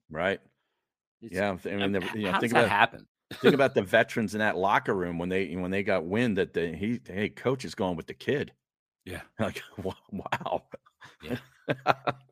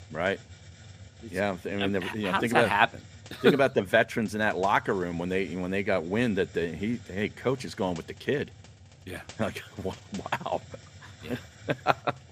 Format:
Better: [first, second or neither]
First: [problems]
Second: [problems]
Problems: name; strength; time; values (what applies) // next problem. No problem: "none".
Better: first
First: none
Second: hiss; faint; throughout; 20 dB below the speech